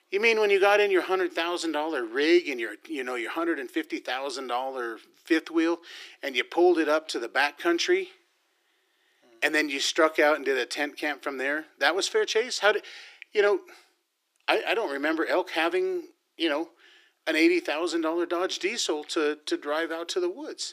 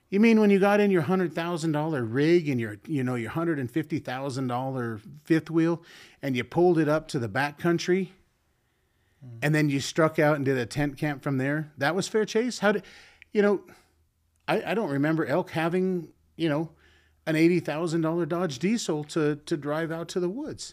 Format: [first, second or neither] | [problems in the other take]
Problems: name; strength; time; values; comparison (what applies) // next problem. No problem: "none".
second | thin; very; fading below 350 Hz